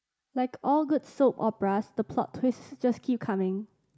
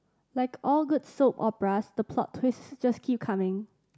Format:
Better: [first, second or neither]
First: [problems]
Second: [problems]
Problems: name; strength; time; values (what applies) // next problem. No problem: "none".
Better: second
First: noise reduction (neural mask model Resemble Enhance denoiser)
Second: none